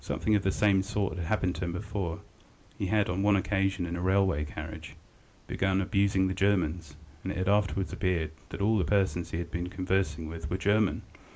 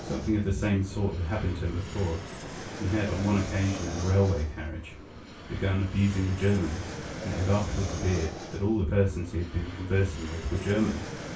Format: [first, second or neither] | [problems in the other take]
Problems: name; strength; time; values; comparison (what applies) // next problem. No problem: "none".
first | background sound (Fixed-wing aircraft, airplane); 11 dB below the speech // room echo; dies away in 0.2 s